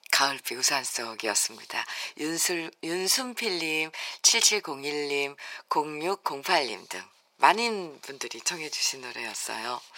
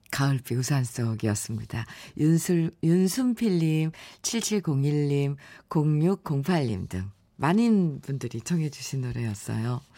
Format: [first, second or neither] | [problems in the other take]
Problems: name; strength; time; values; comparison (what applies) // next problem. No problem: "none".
second | thin; very; fading below 500 Hz